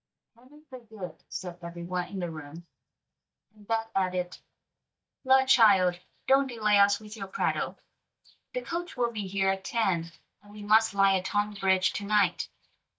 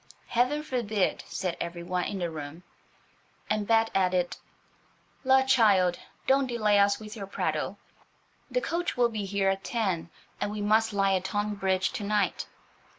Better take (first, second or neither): second